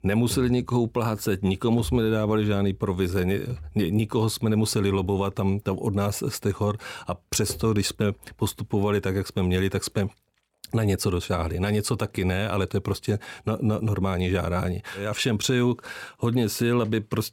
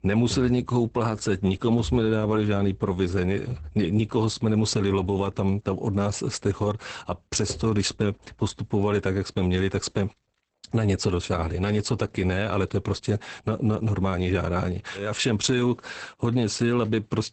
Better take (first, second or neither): first